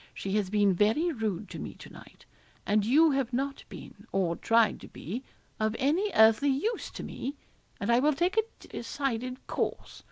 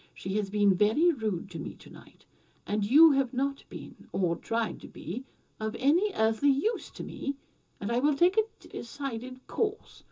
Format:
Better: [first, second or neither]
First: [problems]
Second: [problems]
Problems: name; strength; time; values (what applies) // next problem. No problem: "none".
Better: first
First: none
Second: room echo; dies away in 0.2 s